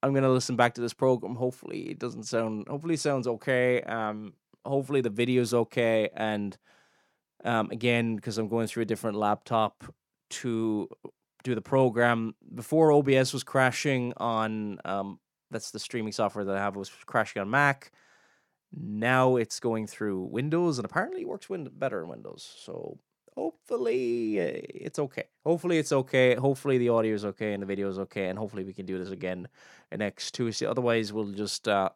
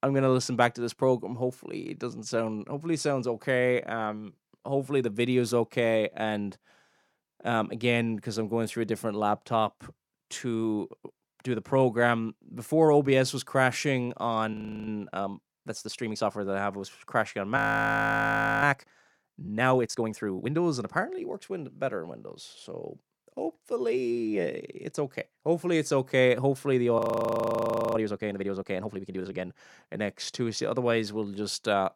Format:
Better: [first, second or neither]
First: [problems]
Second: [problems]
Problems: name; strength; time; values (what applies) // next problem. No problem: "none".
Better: first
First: none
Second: audio freezing; at 15 s, at 18 s for 1 s and at 27 s for 1 s